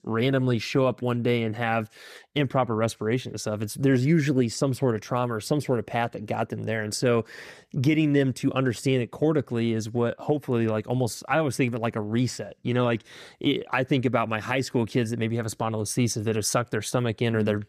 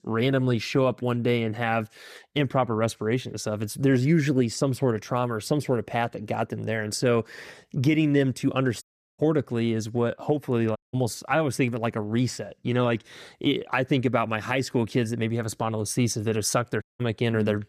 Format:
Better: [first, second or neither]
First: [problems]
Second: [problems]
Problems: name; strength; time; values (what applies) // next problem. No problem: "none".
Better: first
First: none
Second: audio cutting out; at 9 s, at 11 s and at 17 s